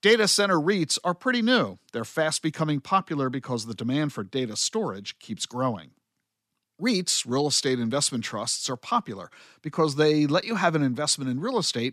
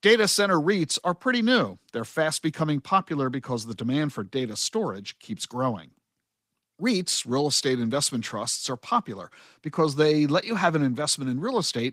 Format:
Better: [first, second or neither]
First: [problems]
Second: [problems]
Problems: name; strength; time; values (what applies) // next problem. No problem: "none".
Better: first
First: none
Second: garbled, watery; slightly; nothing above 15.5 kHz